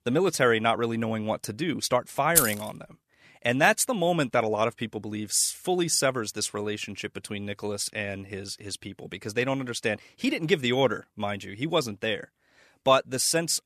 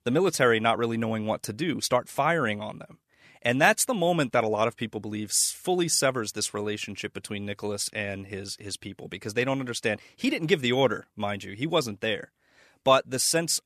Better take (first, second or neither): second